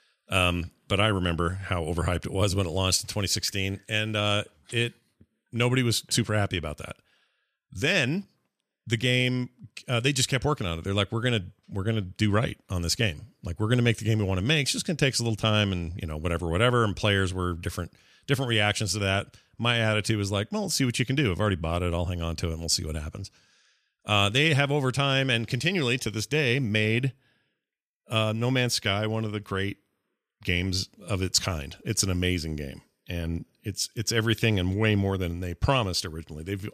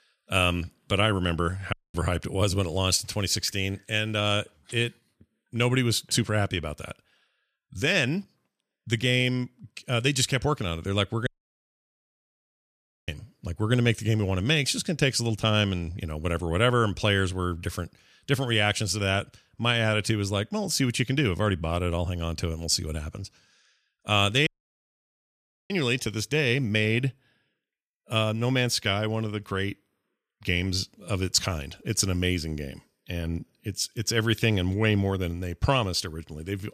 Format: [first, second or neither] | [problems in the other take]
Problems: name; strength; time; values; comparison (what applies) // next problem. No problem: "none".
first | audio cutting out; at 1.5 s, at 11 s for 2 s and at 24 s for 1 s